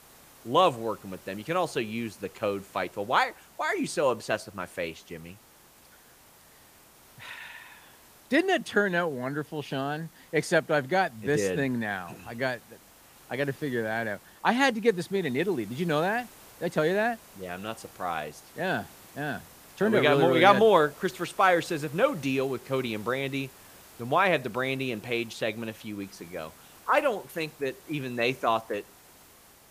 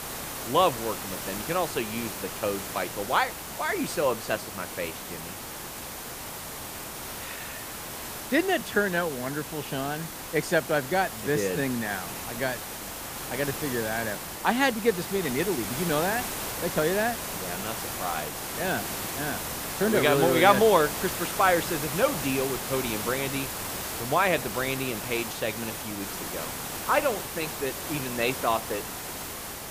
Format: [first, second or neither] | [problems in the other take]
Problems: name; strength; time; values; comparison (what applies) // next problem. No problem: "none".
first | hiss; loud; throughout; 6 dB below the speech; faint in the first